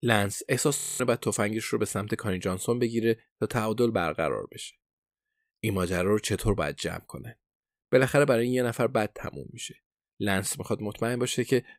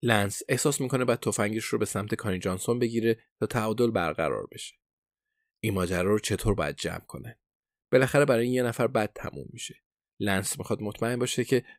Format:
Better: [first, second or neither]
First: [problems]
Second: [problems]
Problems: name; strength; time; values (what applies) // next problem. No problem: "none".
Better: second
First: audio freezing; at 1 s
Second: none